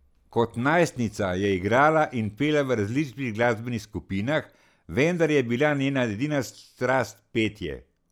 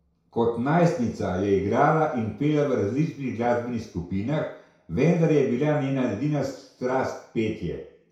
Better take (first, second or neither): first